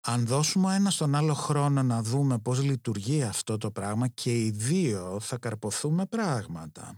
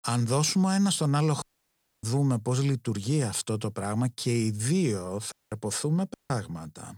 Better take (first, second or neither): first